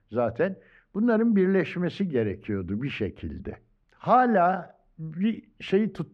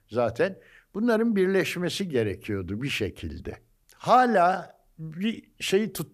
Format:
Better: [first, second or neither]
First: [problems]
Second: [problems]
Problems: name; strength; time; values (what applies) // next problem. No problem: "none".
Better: second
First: muffled; very; fading above 2 kHz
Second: none